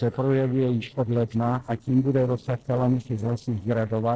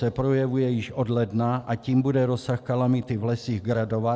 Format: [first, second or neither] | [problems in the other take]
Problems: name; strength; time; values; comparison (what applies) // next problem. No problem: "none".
second | noise reduction (neural separator model SepFormer DNS4)